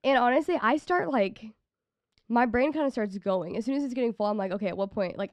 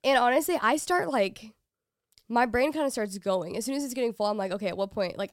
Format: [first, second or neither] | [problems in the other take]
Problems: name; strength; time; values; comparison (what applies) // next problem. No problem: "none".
second | muffled; slightly; fading above 3 kHz